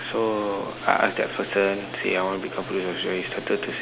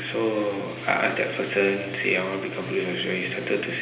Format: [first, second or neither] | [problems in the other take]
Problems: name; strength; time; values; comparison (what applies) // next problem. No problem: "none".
first | room echo; dies away in 0.8 s